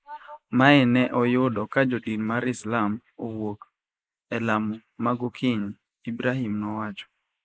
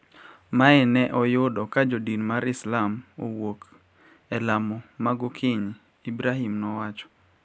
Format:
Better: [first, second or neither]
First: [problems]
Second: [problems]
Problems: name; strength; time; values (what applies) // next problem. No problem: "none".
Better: second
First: noise reduction (neural mask model Resemble Enhance denoiser)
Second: none